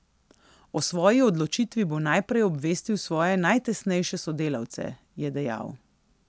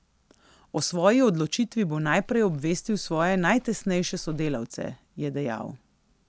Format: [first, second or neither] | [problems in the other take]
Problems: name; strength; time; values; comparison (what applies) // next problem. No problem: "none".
first | background sound (Livestock, farm animals, working animals); 16 dB below the speech